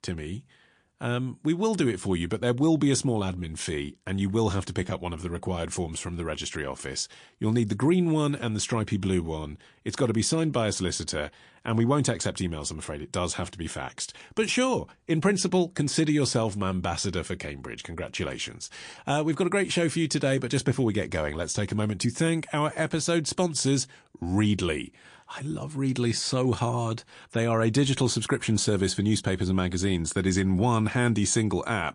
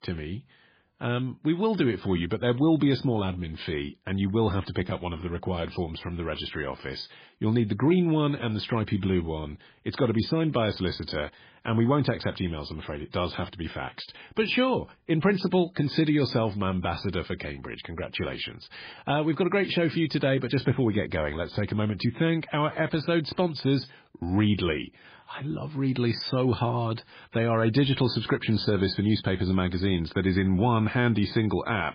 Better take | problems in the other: first | garbled, watery; badly; nothing above 5 kHz; slightly in the first

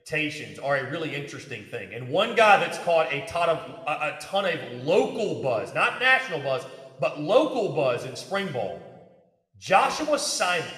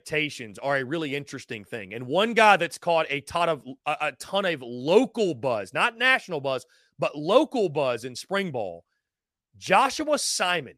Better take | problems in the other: second | room echo; slight; dies away in 1.1 s

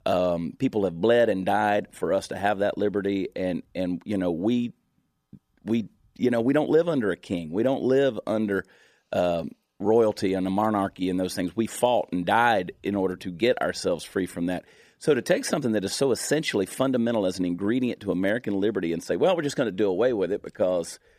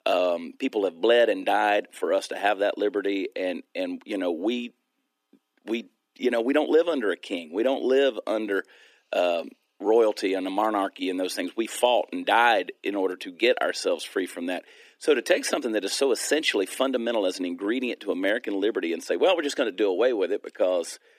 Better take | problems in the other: first | thin; very slightly; fading below 250 Hz

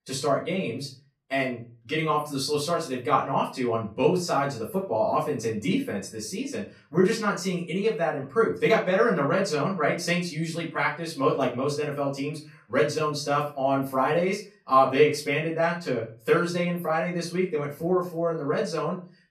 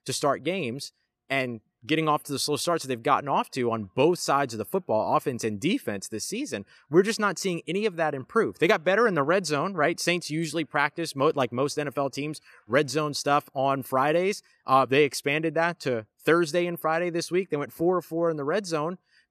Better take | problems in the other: second | room echo; slight; dies away in 0.3 s // off-mic speech; far

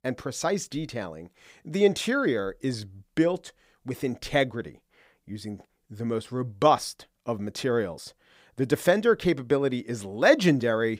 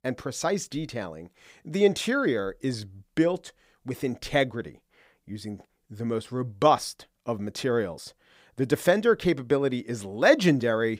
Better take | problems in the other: neither | none

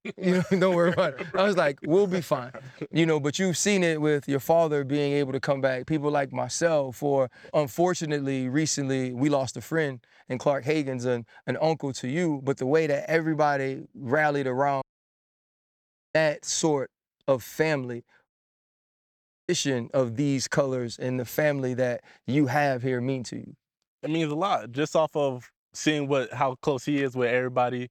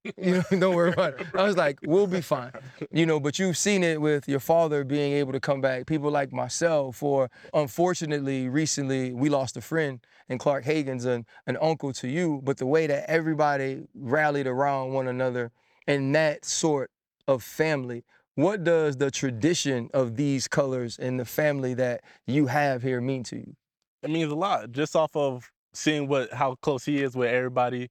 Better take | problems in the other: second | audio cutting out; at 15 s for 1.5 s and at 18 s for 1 s

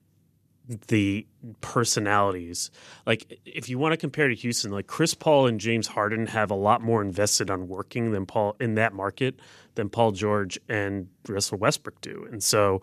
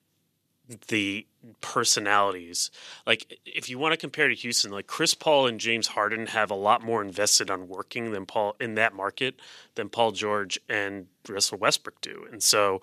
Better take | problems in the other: first | thin; somewhat; fading below 600 Hz

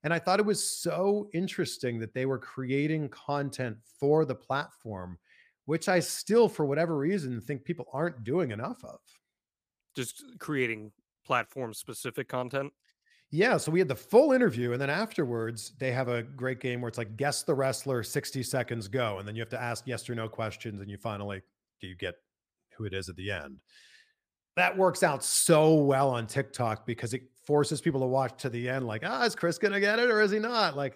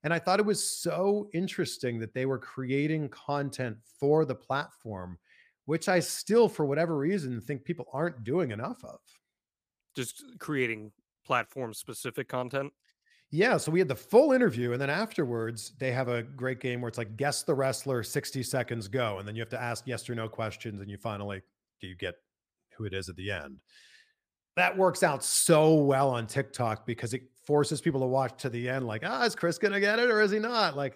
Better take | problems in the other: neither | none

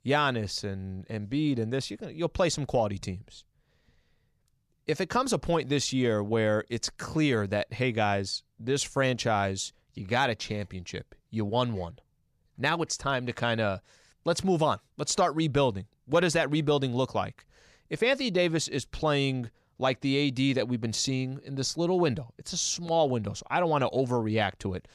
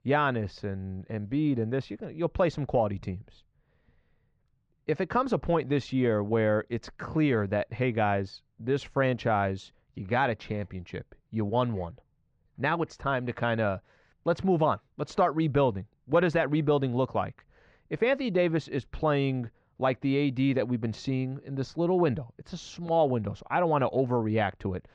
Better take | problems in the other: first | muffled; very; fading above 2 kHz

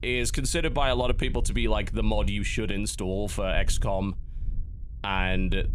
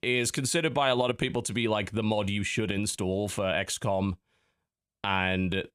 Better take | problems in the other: second | low rumble; faint; throughout; 25 dB below the speech

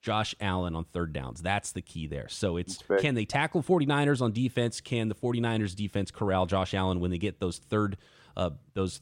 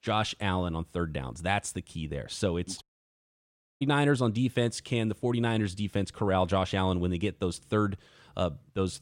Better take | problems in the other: first | audio cutting out; at 3 s for 1 s

